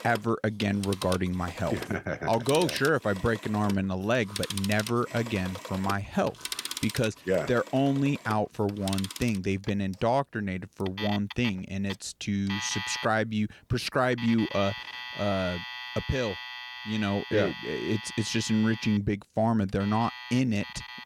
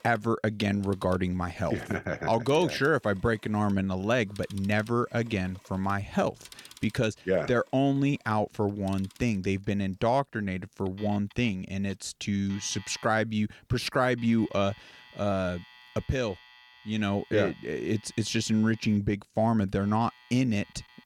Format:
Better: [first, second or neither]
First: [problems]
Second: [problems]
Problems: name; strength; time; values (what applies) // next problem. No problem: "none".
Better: second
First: alarms or sirens; loud; throughout; 10 dB below the speech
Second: alarms or sirens; faint; throughout; 25 dB below the speech